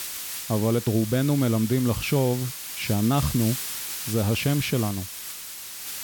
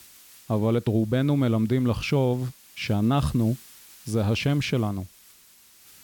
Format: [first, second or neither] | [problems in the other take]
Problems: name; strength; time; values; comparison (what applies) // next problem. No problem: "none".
second | hiss; loud; throughout; 7 dB below the speech; faint in the second